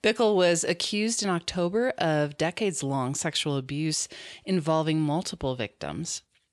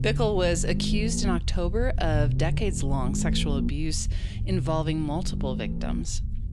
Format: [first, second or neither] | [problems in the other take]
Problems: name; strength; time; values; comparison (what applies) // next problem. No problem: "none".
first | low rumble; loud; throughout; 9 dB below the speech